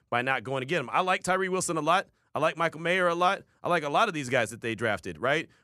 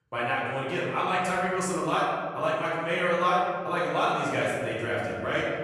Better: first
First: none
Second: room echo; noticeable; dies away in 1.6 s // off-mic speech; far

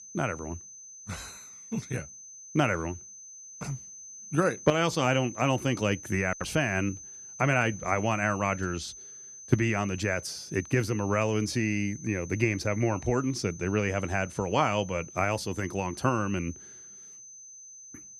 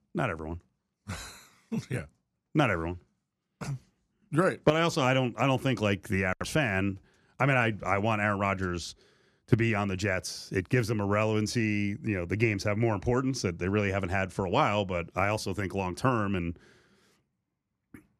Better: second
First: high-pitched whine; noticeable; throughout; 6 kHz, 15 dB below the speech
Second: none

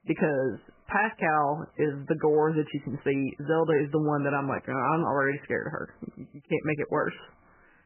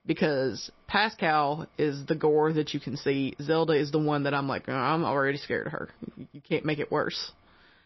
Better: second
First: garbled, watery; badly; nothing above 3 kHz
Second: garbled, watery; slightly; nothing above 5.5 kHz

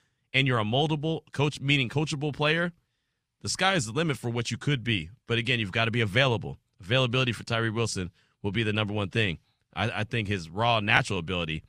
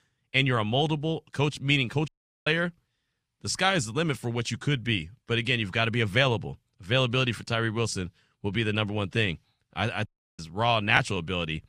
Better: first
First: none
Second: audio cutting out; at 2 s and at 10 s

